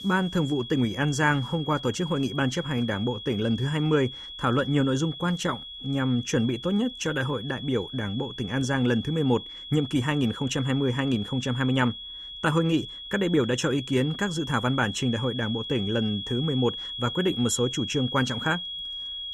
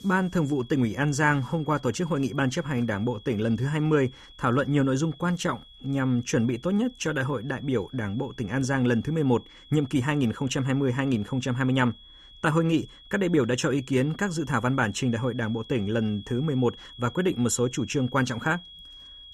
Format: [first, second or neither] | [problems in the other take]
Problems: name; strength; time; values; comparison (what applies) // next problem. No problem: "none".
second | high-pitched whine; loud; throughout; 3.5 kHz, 9 dB below the speech; faint in the second